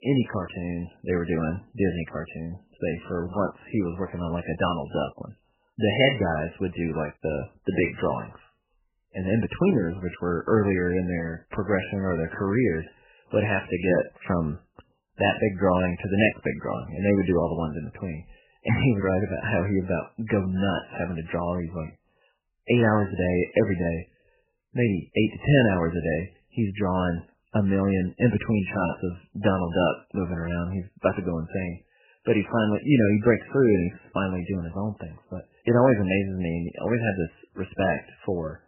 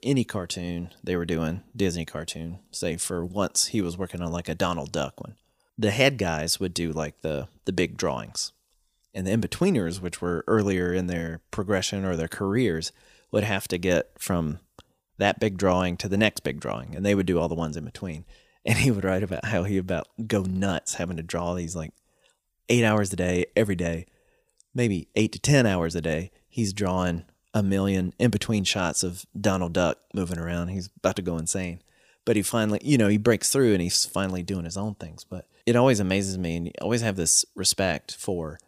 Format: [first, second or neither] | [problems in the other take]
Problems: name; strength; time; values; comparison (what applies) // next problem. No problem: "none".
second | garbled, watery; badly; nothing above 3 kHz